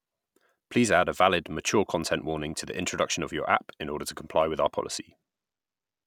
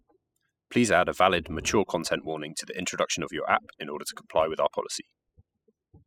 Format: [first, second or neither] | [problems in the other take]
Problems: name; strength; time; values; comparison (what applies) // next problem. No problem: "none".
first | noise reduction (classical method spectral subtraction)